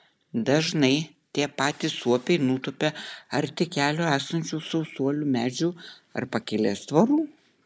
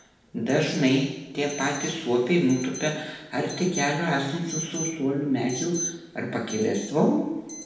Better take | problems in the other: first | background sound (Alarm); 14 dB below the speech // room echo; dies away in 0.9 s

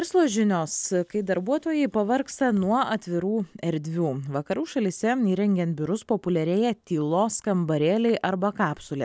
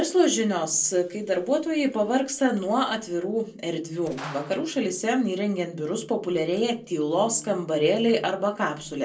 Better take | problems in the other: first | noise reduction (neural separator model SepFormer DNS4)

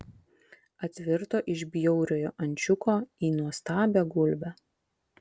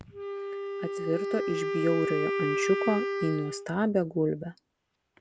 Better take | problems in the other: first | background sound (Wind instrument, woodwind instrument); 2 dB below the speech

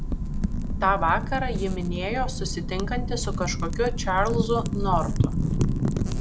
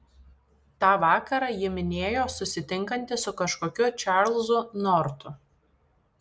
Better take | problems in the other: second | background sound (Wind / Fire); 2 dB above the speech

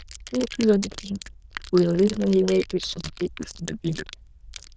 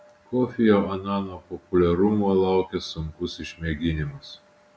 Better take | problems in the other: second | noise reduction (neural diffusion model UNIVERSE++)

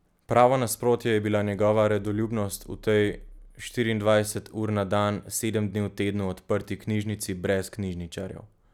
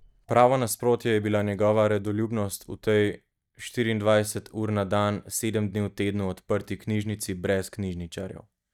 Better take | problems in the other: first | noise reduction (neural mask model DeepFilterNet 3)

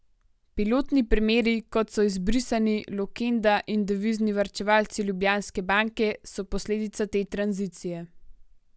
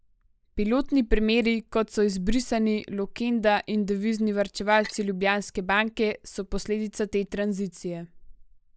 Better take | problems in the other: first | noise reduction (neural mask model Resemble Enhance denoiser)

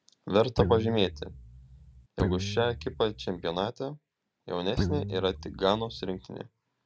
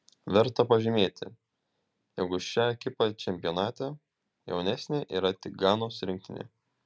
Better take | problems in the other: second | background sound (Guitar); 4 dB below the speech

